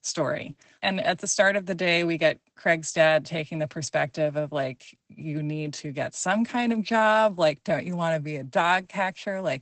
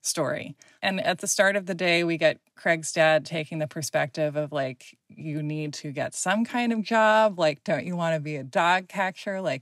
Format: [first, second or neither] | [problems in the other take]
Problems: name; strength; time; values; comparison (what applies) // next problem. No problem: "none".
second | garbled, watery; badly; nothing above 8 kHz